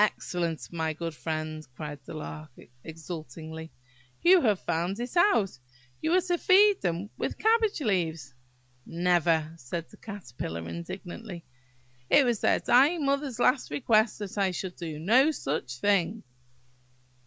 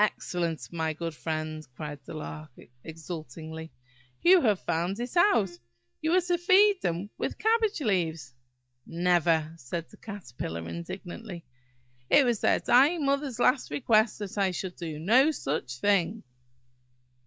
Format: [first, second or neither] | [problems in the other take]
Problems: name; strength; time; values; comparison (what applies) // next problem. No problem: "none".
first | noise reduction (neural mask model DeepFilterNet 3)